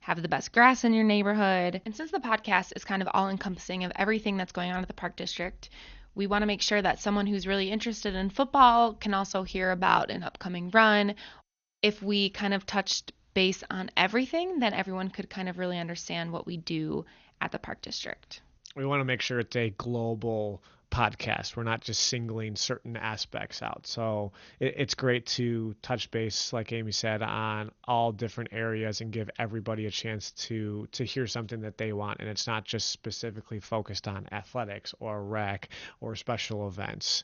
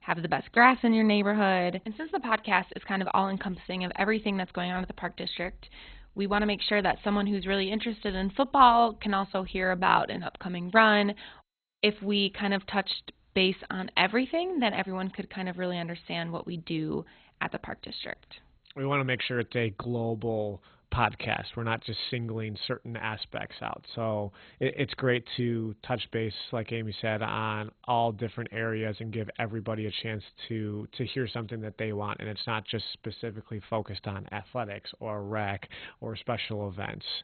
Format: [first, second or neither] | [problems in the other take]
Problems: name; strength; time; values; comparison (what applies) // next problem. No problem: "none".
first | garbled, watery; badly; nothing above 4 kHz; slightly in the first